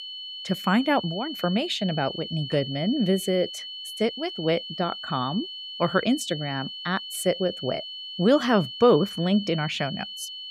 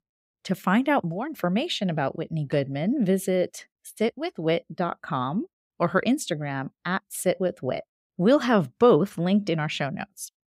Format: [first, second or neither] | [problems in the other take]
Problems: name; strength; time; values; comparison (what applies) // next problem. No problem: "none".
second | high-pitched whine; loud; throughout; 3 kHz, 9 dB below the speech